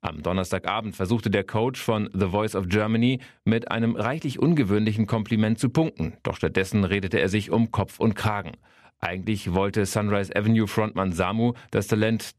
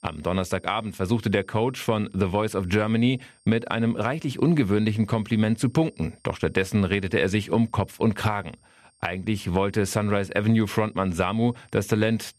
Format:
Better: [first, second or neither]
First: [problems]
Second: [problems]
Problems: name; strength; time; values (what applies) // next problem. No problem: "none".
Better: first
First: none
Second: high-pitched whine; faint; throughout; 8.5 kHz, 35 dB below the speech